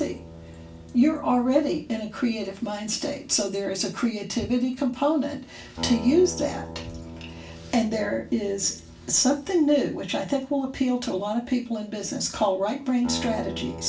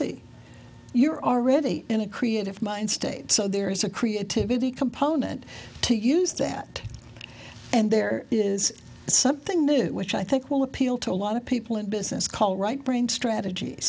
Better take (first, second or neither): second